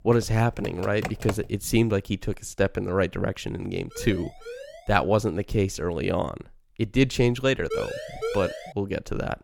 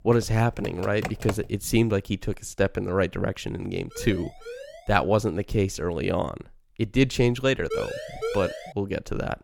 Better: neither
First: keyboard typing; noticeable; until 1.5 s; peak 6 dB below the speech // siren; faint; at 4 s; peak 15 dB below the speech // siren; noticeable; from 7.5 to 8.5 s; peak 5 dB below the speech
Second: keyboard typing; noticeable; until 1.5 s; peak 6 dB below the speech // siren; faint; at 4 s; peak 15 dB below the speech // siren; noticeable; from 7.5 to 8.5 s; peak 5 dB below the speech

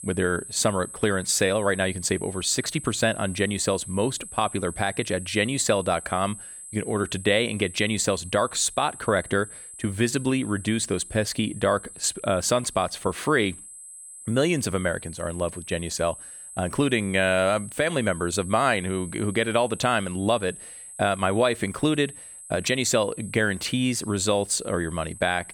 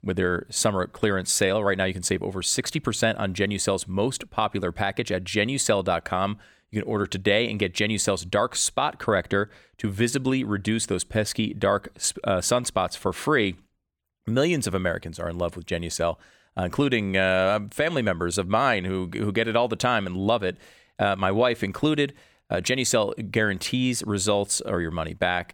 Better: second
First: high-pitched whine; noticeable; throughout; 8 kHz, 15 dB below the speech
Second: none

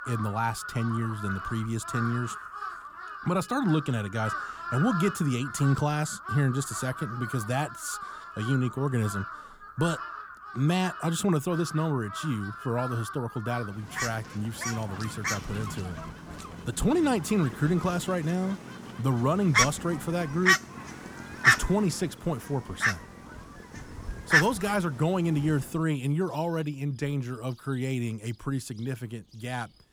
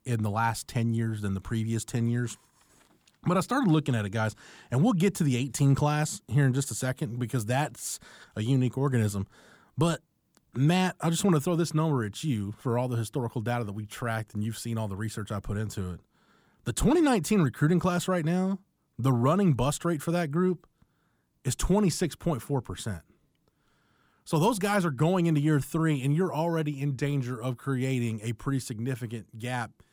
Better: second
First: animal sounds; loud; throughout; 3 dB below the speech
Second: none

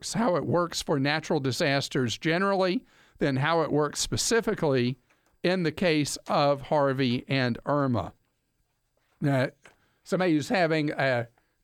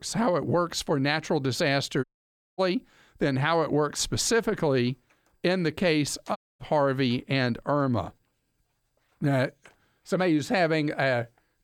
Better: first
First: none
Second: audio cutting out; at 2 s for 0.5 s and at 6.5 s

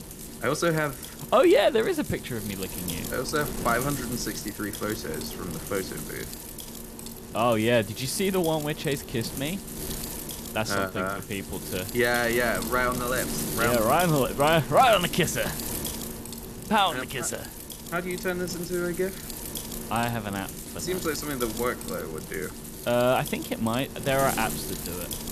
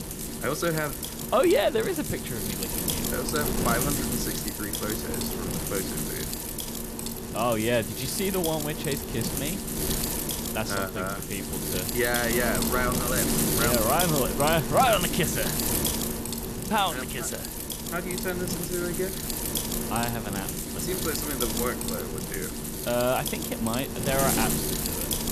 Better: first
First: wind noise on the microphone; occasional gusts; 10 dB below the speech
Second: wind noise on the microphone; heavy; 4 dB below the speech

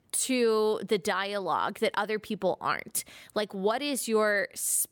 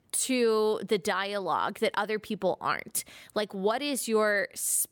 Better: neither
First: none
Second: none

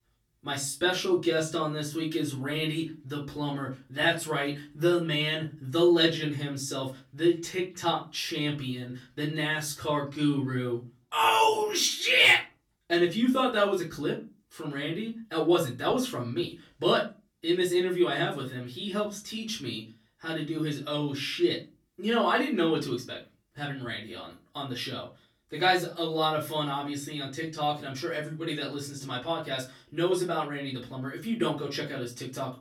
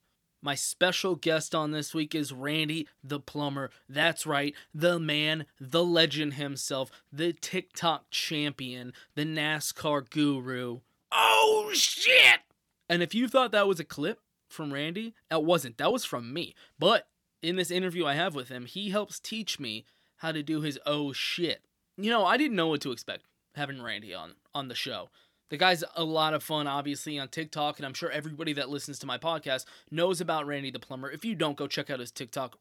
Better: second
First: off-mic speech; far // room echo; very slight; dies away in 0.3 s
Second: none

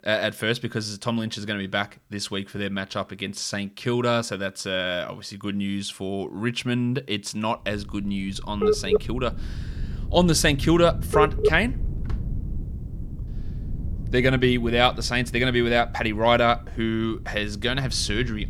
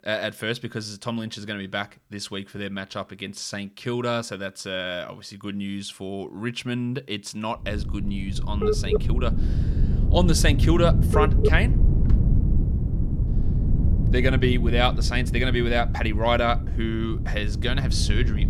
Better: first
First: low rumble; faint; from 7.5 s on; 20 dB below the speech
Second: low rumble; loud; from 7.5 s on; 10 dB below the speech

